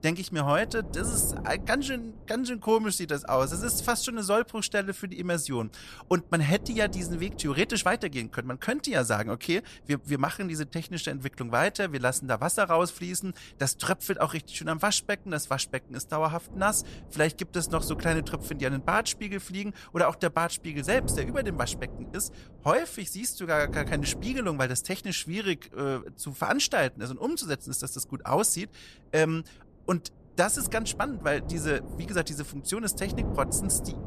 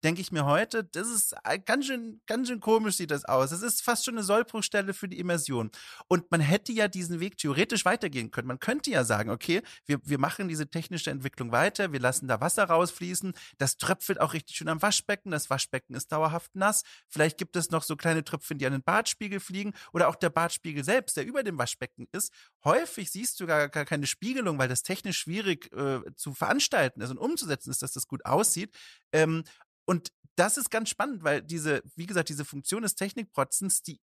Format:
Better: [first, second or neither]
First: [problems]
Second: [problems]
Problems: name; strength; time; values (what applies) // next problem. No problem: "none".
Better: second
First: wind noise on the microphone; occasional gusts; 15 dB below the speech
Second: none